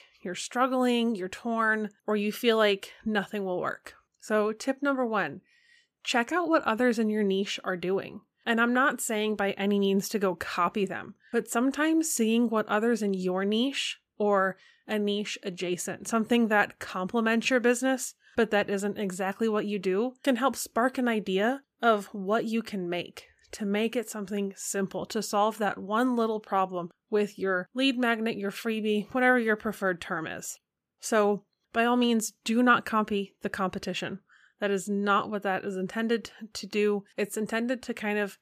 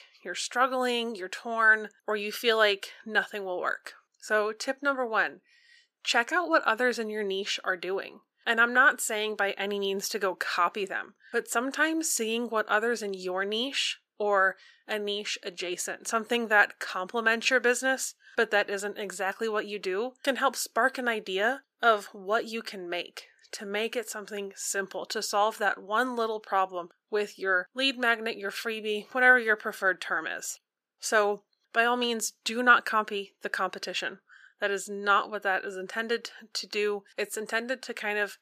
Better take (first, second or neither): first